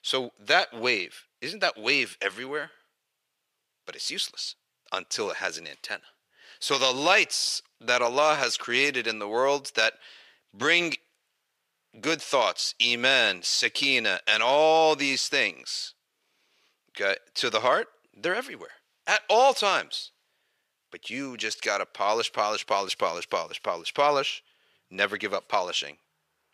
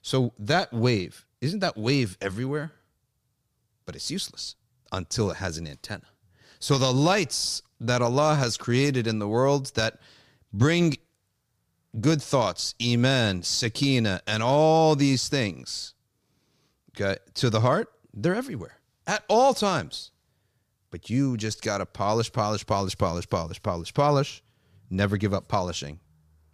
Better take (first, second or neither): second